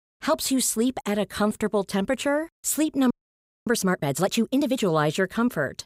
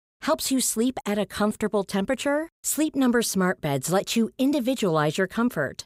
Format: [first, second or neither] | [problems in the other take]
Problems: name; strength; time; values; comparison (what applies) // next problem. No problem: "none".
second | audio freezing; at 3 s for 0.5 s